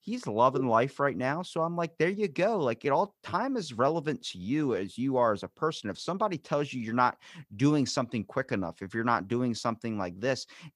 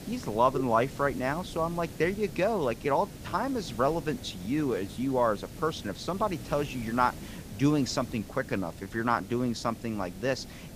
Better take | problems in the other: first | hiss; noticeable; throughout; 15 dB below the speech

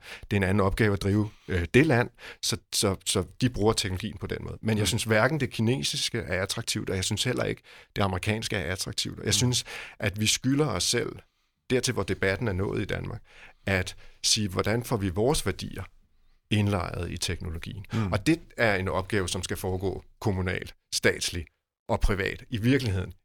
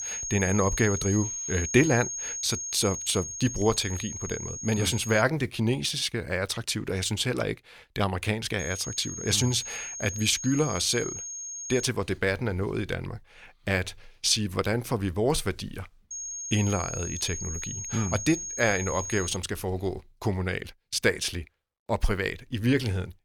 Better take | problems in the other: first | high-pitched whine; loud; until 5 s, from 8.5 to 12 s and from 16 to 19 s; 6.5 kHz, 6 dB below the speech

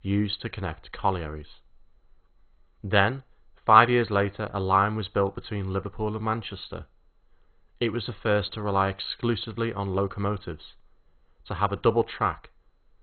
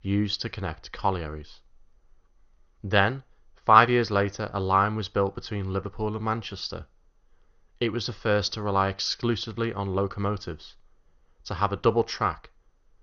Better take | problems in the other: second | garbled, watery; badly; nothing above 4 kHz; slightly in the second

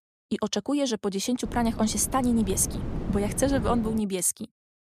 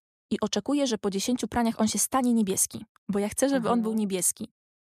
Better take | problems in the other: second | wind noise on the microphone; occasional gusts; from 1.5 to 4 s; 15 dB below the speech

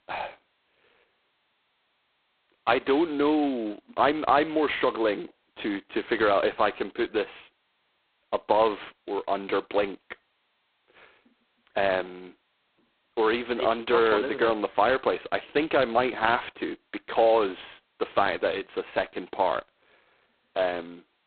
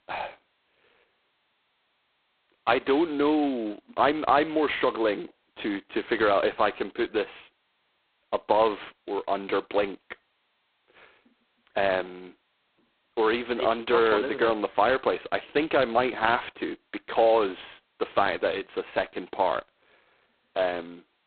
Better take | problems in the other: neither | phone-call audio; poor line; nothing above 4 kHz; the same in both

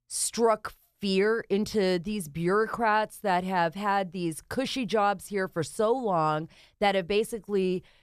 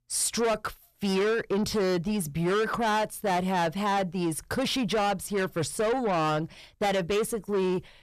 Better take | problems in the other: first | distortion; heavy; 8 dB below the speech

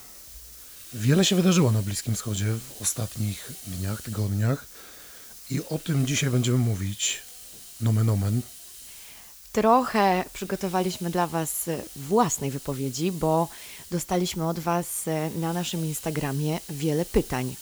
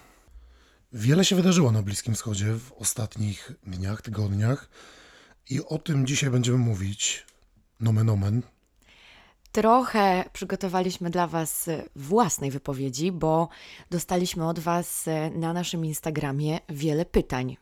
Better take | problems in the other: second | hiss; noticeable; throughout; 15 dB below the speech

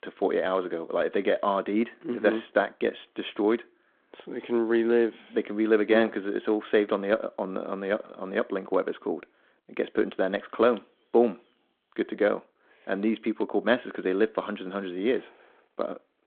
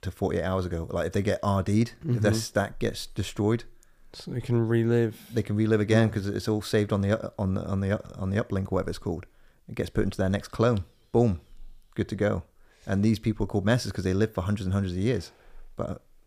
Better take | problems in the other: second | phone-call audio

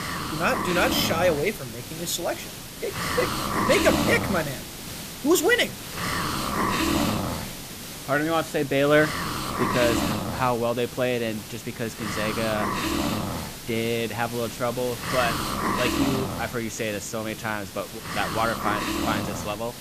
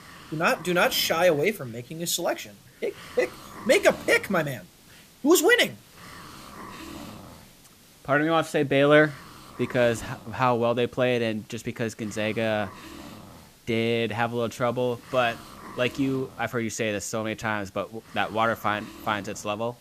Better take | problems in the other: second | hiss; loud; throughout; 3 dB below the speech; faint in the second

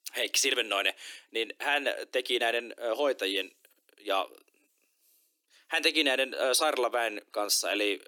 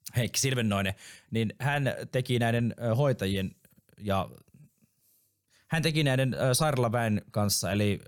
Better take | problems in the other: second | thin; very; fading below 300 Hz

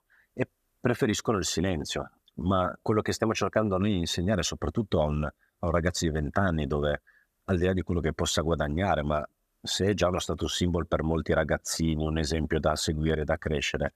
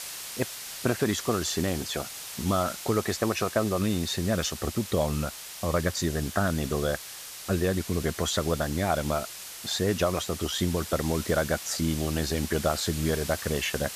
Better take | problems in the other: first | hiss; loud; throughout; 9 dB below the speech

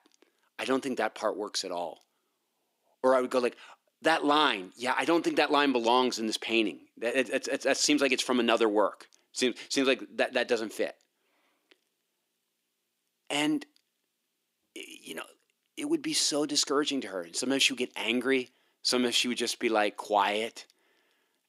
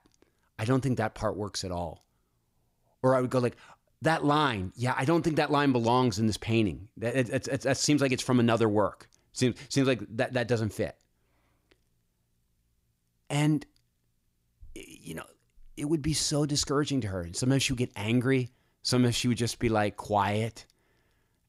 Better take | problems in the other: second | thin; very slightly; fading below 250 Hz

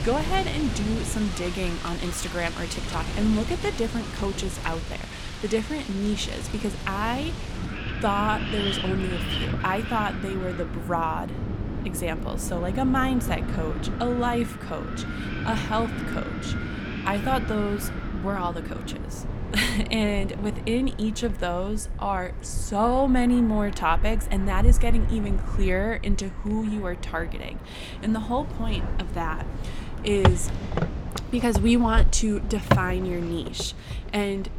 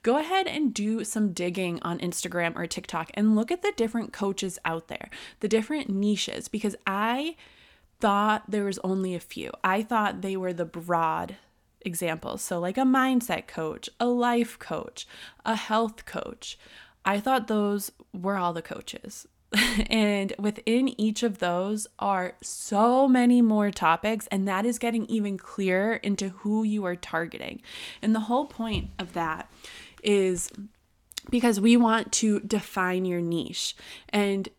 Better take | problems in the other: second | wind in the background; loud; throughout; 4 dB below the speech

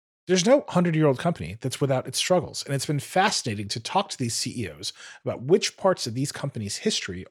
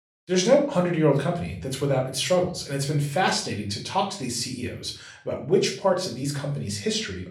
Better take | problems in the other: first | room echo; slight; dies away in 0.4 s // off-mic speech; somewhat distant

